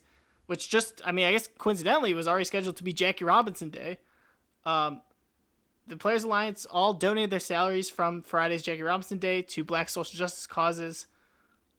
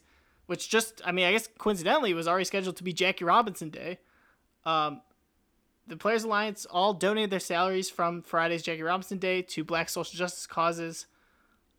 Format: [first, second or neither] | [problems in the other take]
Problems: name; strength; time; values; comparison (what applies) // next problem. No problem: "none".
second | garbled, watery; slightly